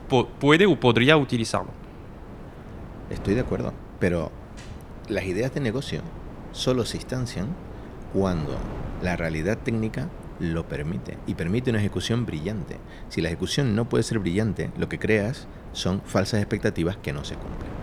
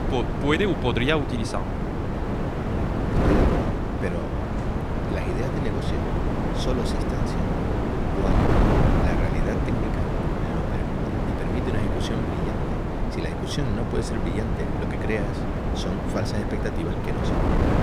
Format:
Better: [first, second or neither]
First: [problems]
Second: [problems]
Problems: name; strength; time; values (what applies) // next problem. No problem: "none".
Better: first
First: wind noise on the microphone; occasional gusts; 15 dB below the speech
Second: wind noise on the microphone; heavy; 2 dB above the speech